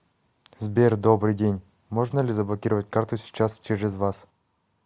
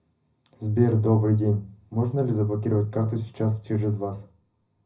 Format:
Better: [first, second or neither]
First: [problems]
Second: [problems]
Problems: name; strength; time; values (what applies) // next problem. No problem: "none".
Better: first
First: none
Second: room echo; dies away in 0.4 s